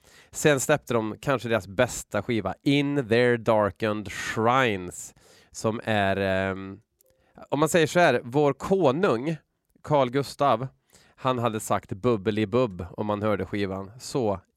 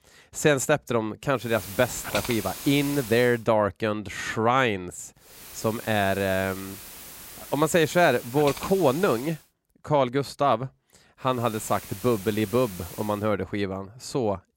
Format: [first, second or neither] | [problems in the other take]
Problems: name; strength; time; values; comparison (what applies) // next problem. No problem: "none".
first | hiss; noticeable; from 1.5 to 3.5 s, from 5.5 to 9.5 s and from 11 to 13 s; 10 dB below the speech